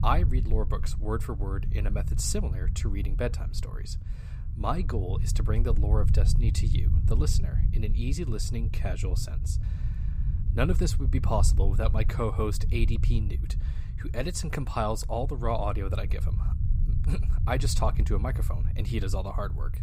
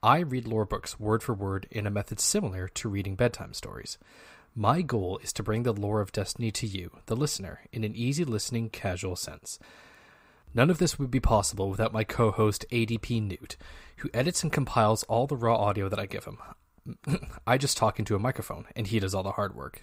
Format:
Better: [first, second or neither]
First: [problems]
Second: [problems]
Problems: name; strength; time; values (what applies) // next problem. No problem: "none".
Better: second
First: low rumble; noticeable; throughout; 10 dB below the speech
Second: none